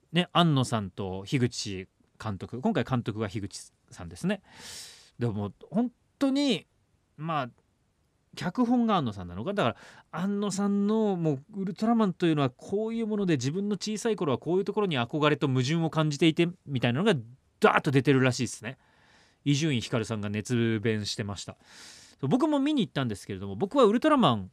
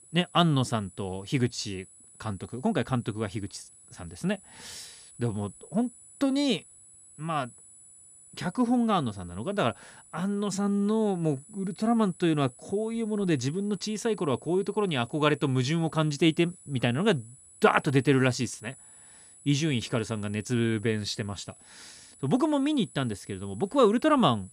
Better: first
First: none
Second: high-pitched whine; faint; throughout; 10 kHz, 20 dB below the speech

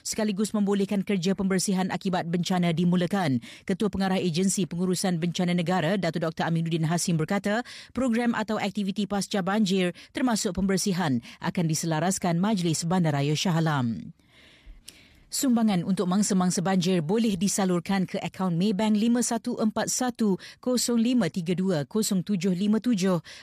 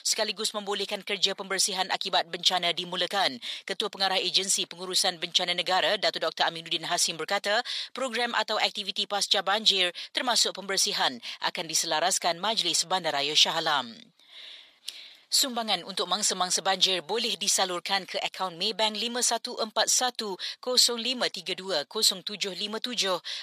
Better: first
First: none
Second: thin; very; fading below 700 Hz

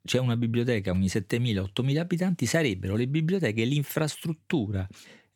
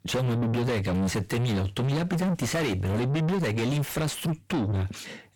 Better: first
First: none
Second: distortion; heavy; 5 dB below the speech

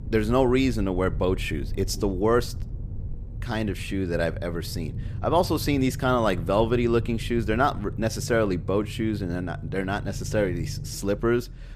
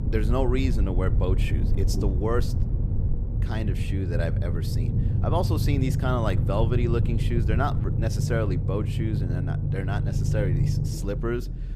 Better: first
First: low rumble; faint; throughout; 20 dB below the speech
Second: low rumble; loud; throughout; 7 dB below the speech

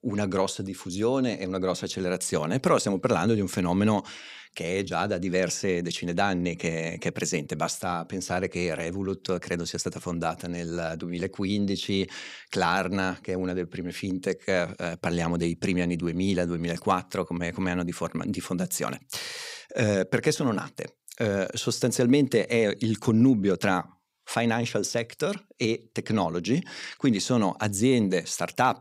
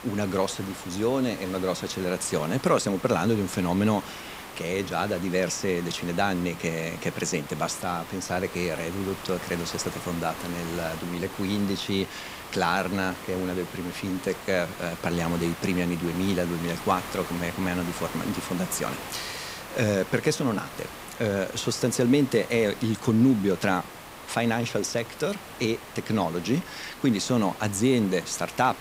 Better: first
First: none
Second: hiss; noticeable; throughout; 10 dB below the speech

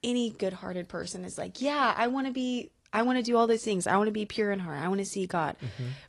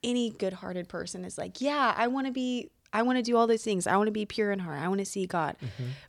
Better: second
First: garbled, watery; slightly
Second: none

